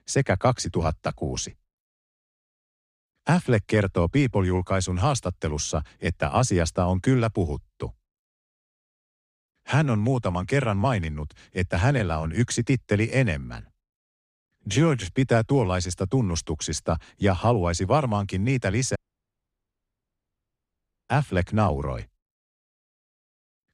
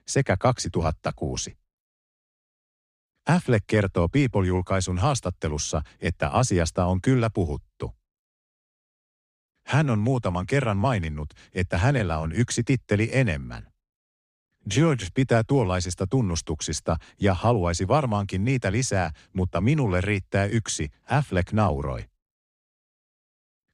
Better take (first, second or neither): second